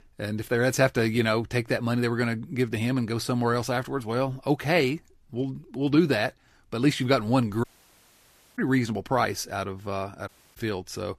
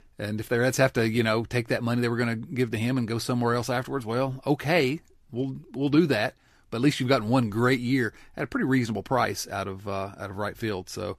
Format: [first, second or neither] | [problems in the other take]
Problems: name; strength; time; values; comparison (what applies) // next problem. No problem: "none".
second | audio cutting out; at 7.5 s for 1 s and at 10 s